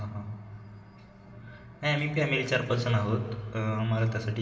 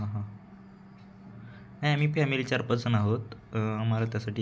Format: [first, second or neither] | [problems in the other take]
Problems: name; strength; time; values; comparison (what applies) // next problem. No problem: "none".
second | room echo; dies away in 2.2 s